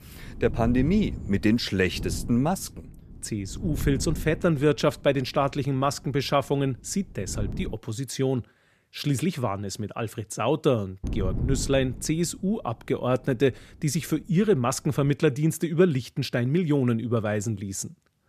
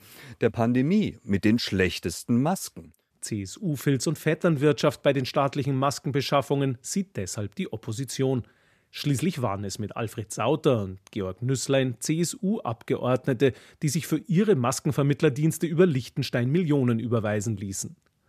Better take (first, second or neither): second